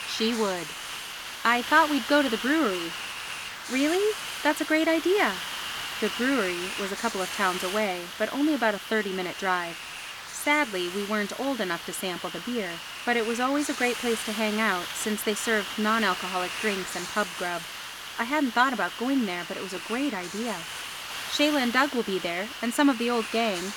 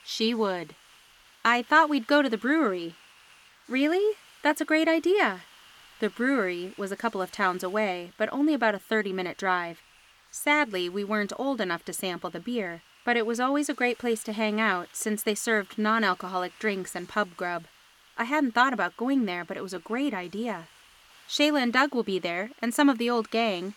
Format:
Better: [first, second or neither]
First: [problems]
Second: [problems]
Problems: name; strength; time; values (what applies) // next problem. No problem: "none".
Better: second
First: hiss; loud; throughout; 7 dB below the speech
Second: hiss; faint; throughout; 25 dB below the speech